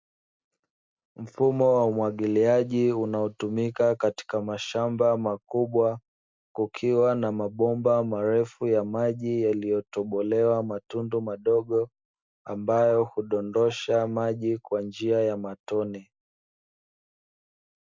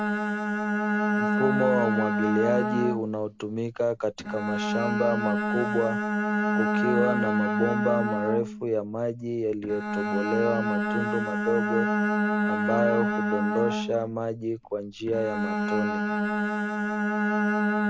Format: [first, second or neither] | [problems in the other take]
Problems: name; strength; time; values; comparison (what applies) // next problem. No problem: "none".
first | background sound (Bowed string instrument); 2 dB above the speech